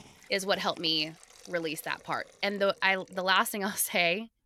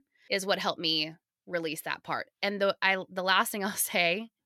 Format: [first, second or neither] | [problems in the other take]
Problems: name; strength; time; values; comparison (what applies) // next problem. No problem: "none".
second | hiss; faint; throughout; 25 dB below the speech